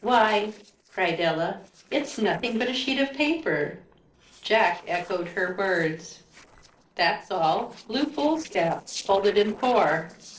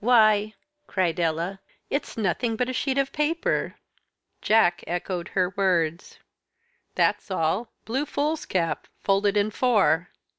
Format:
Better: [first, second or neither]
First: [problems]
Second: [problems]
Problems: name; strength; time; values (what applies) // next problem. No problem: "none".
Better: second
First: noise reduction (neural separator model SepFormer DNS4)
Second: none